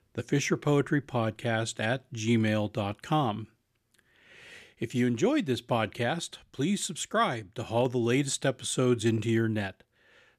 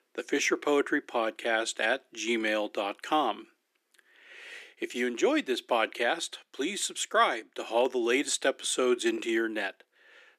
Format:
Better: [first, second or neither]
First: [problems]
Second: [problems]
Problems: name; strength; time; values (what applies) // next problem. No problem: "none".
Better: first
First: none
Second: thin; somewhat; fading below 300 Hz